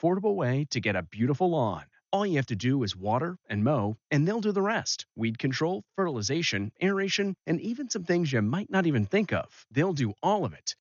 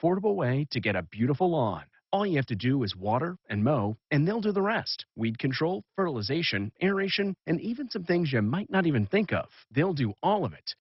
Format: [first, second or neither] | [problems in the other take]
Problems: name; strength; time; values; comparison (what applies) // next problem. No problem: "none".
first | garbled, watery; badly; nothing above 5.5 kHz; slightly in the first